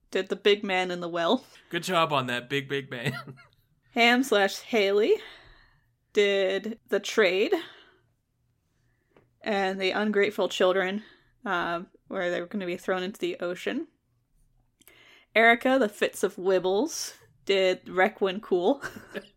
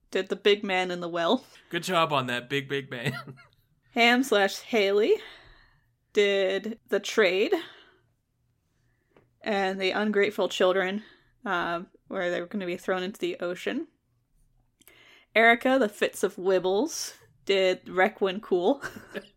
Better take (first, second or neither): neither